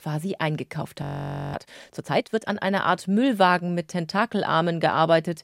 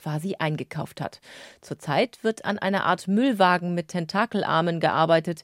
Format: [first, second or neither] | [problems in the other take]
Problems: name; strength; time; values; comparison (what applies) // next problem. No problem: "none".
second | audio freezing; at 1 s for 0.5 s